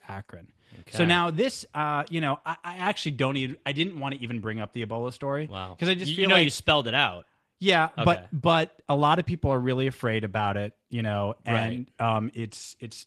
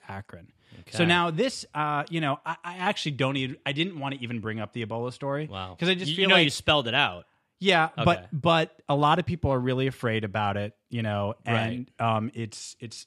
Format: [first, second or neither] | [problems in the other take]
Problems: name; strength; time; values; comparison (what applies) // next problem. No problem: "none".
second | garbled, watery; slightly; nothing above 14.5 kHz